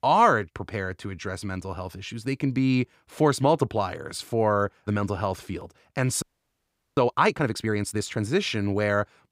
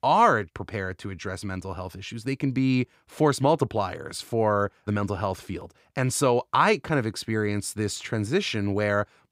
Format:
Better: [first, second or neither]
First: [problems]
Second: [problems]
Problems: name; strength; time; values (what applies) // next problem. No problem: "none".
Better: second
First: audio freezing; at 6 s for 1 s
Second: none